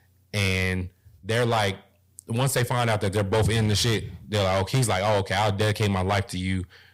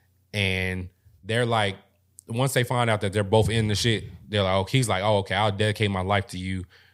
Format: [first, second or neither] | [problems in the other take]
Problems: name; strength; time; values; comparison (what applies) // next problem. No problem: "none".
second | distortion; heavy; 10% of the sound clipped